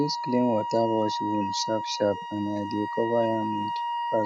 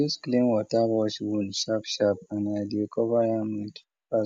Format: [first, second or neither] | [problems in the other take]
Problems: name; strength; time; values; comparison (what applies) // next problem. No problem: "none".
second | background sound (Wind instrument, woodwind instrument); 4 dB below the speech